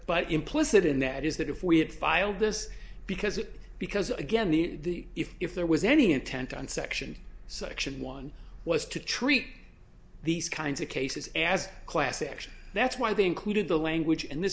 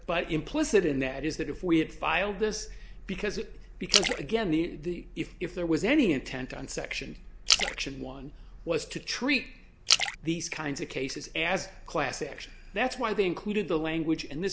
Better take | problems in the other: first | background sound (Splash, splatter); 3 dB below the speech

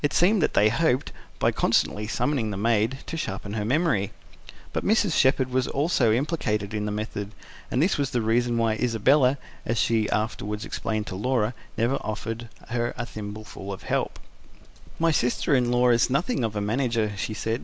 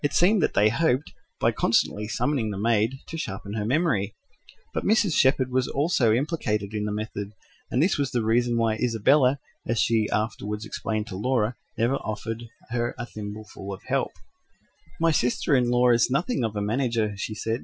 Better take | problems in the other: first | noise reduction (classical method Wiener filter)

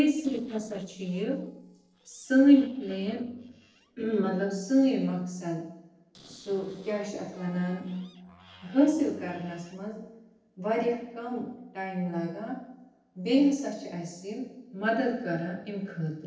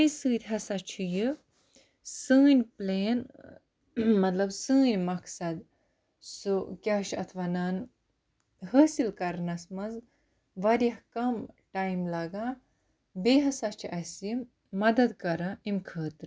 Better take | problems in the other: second | noise reduction (neural separator model SepFormer DNS4)

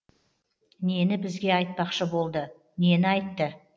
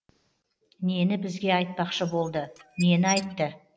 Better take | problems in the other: first | background sound (Squeak / Dishes, pots, and pans); 13 dB below the speech

